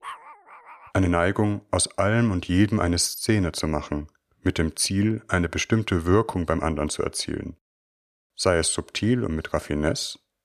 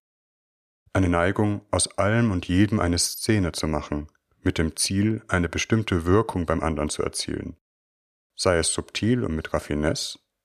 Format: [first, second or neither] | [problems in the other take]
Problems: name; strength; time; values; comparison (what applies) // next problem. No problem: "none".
second | dog barking; faint; at the start; peak 15 dB below the speech